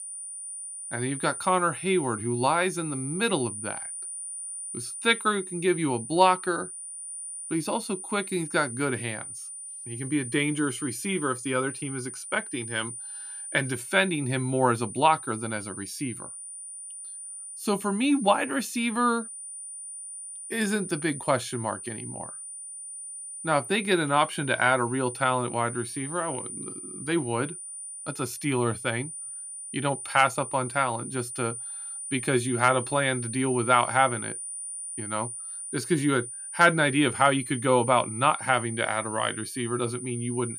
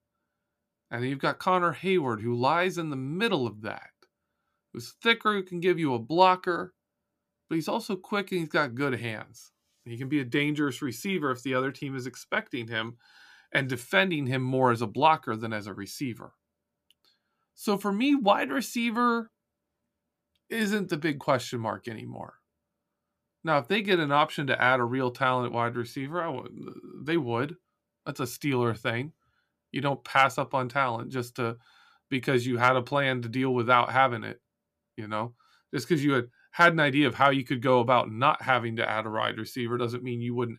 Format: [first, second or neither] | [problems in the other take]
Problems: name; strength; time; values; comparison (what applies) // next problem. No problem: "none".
second | high-pitched whine; loud; throughout; 9.5 kHz, 9 dB below the speech